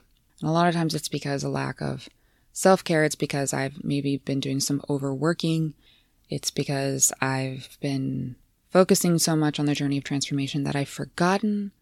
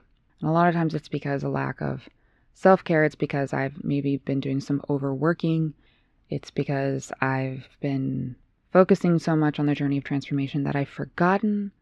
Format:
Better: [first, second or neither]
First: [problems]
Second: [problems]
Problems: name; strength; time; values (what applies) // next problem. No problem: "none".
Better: first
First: none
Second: muffled; very; fading above 2 kHz